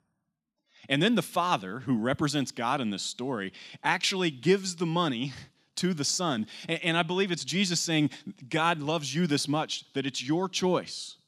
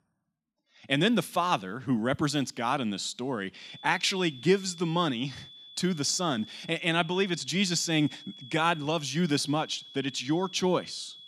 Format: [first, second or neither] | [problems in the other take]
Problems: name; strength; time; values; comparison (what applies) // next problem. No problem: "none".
first | high-pitched whine; noticeable; from 3.5 s on; 3.5 kHz, 20 dB below the speech